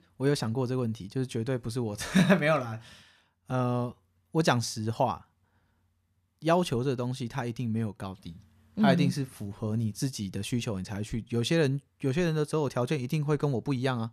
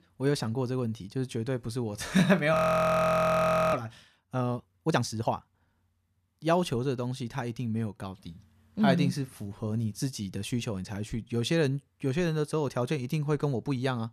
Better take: first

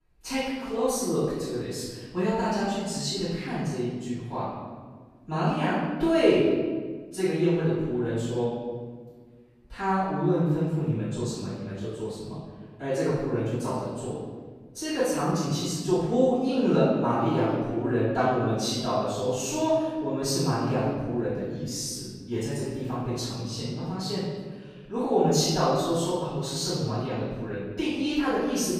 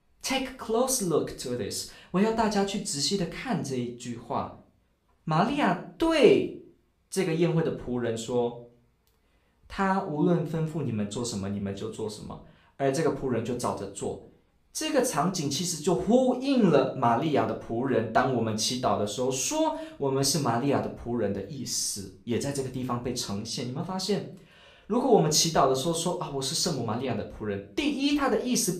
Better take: second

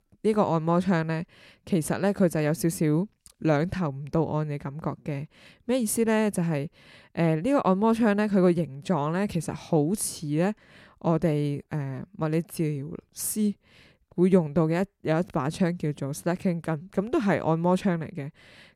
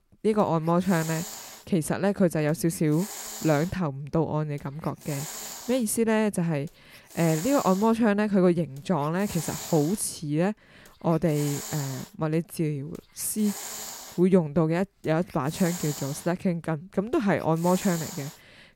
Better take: first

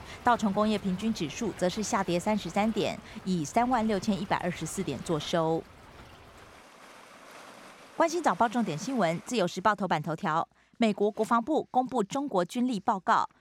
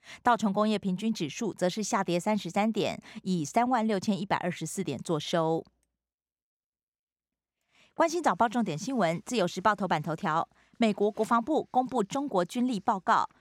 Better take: second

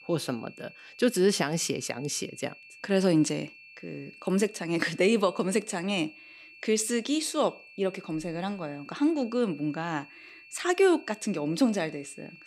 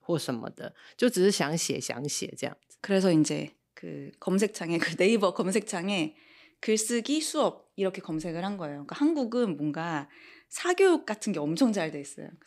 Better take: second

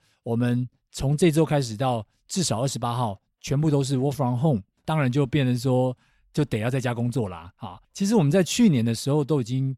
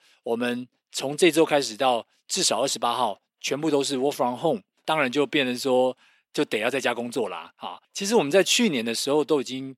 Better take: first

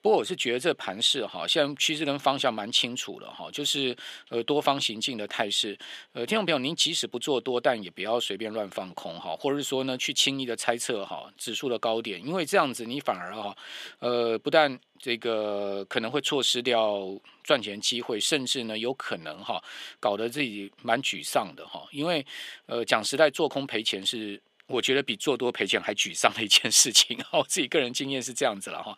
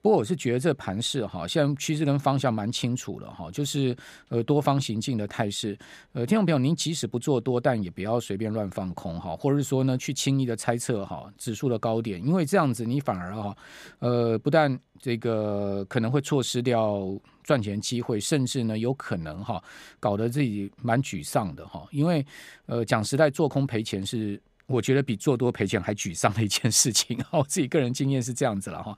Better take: second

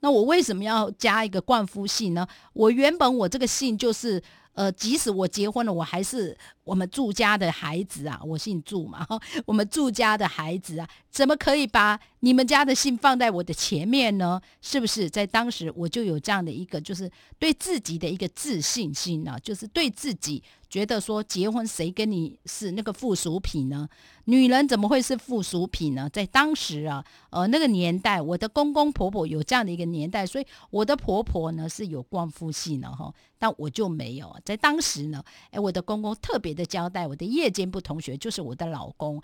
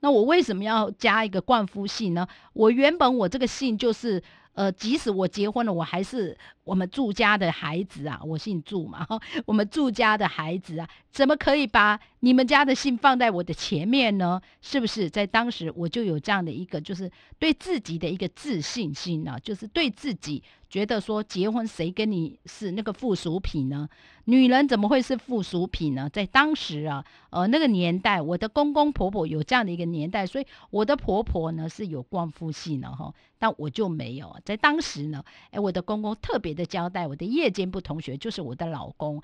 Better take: first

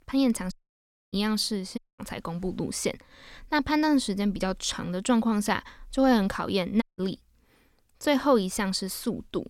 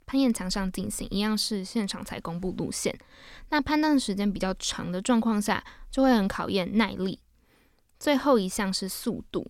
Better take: second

